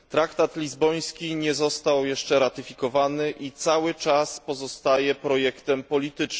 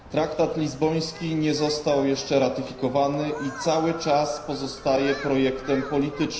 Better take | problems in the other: first | background sound (Human group actions); 16 dB below the speech // room echo; dies away in 0.9 s

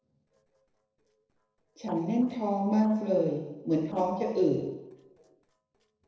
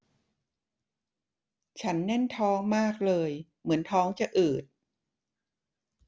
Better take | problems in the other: second | noise reduction (neural separator model SepFormer DNS4)

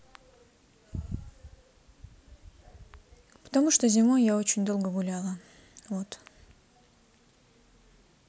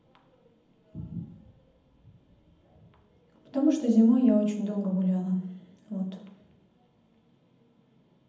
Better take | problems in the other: first | room echo; dies away in 0.8 s

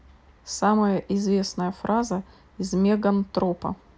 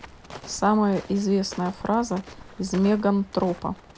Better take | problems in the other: first | background sound (Walk, footsteps); 19 dB below the speech

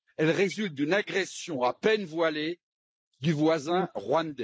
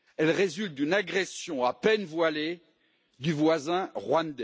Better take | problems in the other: second | noise reduction (neural mask model Resemble Enhance denoiser)

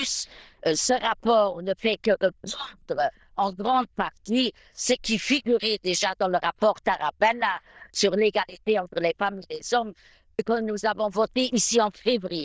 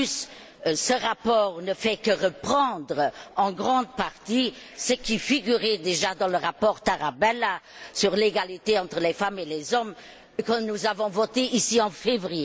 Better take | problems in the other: second | noise reduction (neural diffusion model UNIVERSE++)

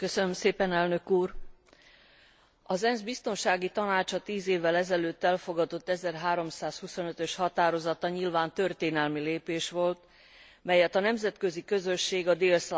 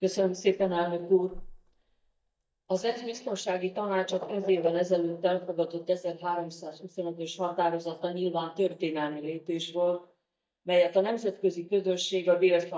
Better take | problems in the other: first | noise reduction (neural mask model DeepFilterNet 3)

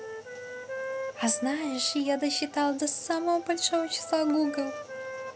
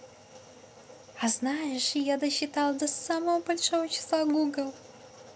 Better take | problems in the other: second | background sound (Wind instrument, woodwind instrument); 10 dB below the speech

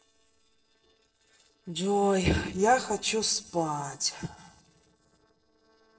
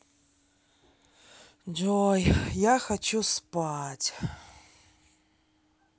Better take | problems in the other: second | noise reduction (neural separator model SepFormer DNS4)

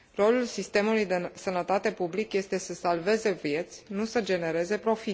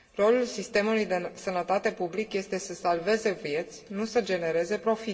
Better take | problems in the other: first | room echo; dies away in 2.2 s

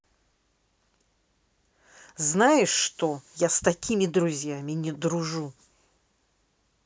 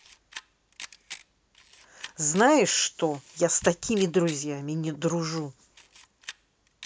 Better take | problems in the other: first | background sound (Camera); 19 dB below the speech

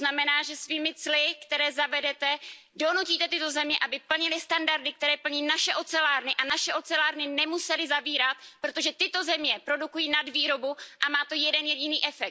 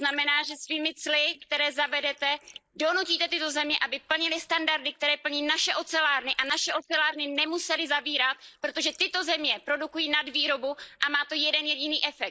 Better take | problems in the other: first | noise reduction (neural mask model Resemble Enhance denoiser)

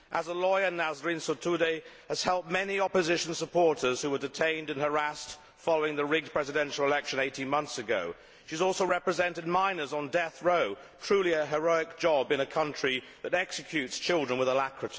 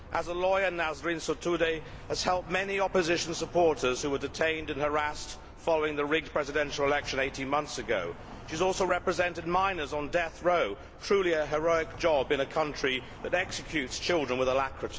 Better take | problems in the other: first | background sound (Traffic noise, roadway noise); 15 dB below the speech

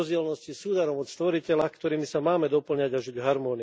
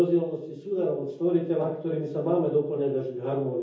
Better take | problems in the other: first | room echo; dies away in 0.7 s

